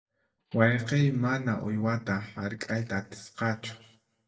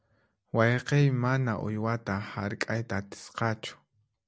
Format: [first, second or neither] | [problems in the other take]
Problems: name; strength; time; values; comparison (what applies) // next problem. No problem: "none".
second | noise reduction (neural mask model DeepFilterNet 3)